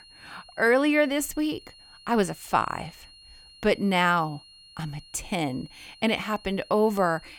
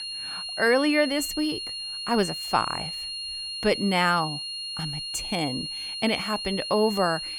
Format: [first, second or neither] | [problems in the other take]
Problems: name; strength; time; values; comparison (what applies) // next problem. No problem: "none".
first | high-pitched whine; loud; throughout; 4.5 kHz, 5 dB below the speech; faint in the first